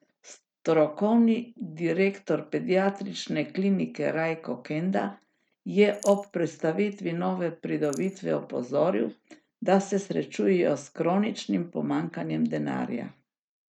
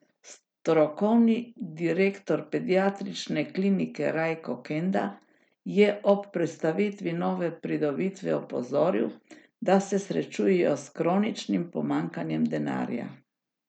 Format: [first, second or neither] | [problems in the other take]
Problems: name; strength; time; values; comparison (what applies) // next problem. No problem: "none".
second | noise reduction (neural mask model RNNoise)